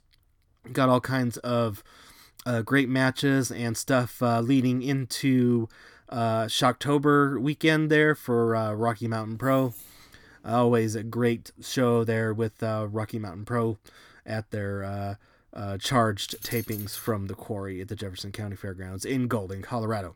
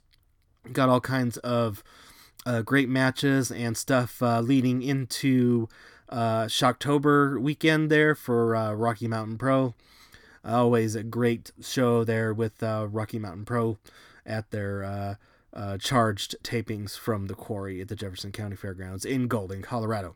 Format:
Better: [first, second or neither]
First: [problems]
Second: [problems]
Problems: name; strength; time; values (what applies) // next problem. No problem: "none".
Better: second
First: jangling keys; faint; from 9.5 to 10 s and at 16 s; peak 10 dB below the speech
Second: none